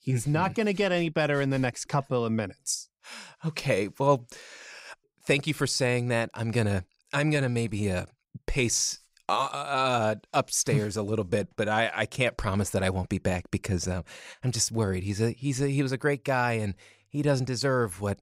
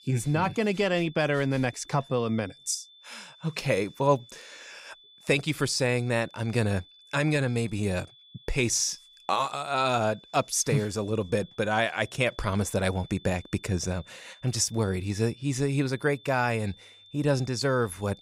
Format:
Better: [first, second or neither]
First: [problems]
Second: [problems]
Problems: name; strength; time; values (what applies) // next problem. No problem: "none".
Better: first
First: none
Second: high-pitched whine; faint; throughout; 3.5 kHz, 25 dB below the speech